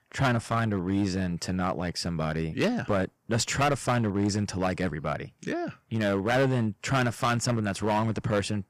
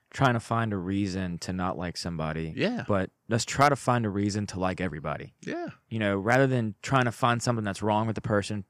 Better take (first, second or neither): second